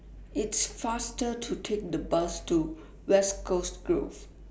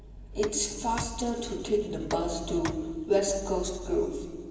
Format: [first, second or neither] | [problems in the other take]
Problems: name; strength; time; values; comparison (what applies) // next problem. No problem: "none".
first | background sound (Tick); 14 dB below the speech // room echo; dies away in 1.9 s